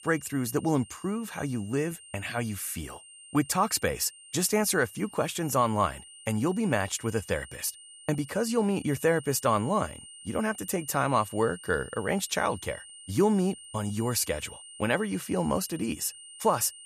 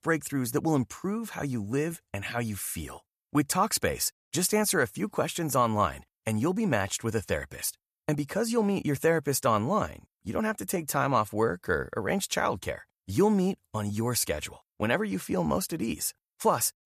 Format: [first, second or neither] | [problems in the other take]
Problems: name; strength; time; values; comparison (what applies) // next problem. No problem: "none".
second | high-pitched whine; noticeable; throughout; 9 kHz, 15 dB below the speech